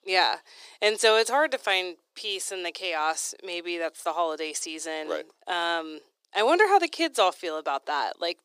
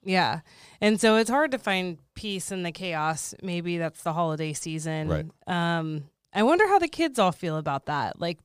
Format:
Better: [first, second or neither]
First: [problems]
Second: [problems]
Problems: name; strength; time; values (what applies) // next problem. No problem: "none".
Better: second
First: thin; very; fading below 350 Hz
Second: none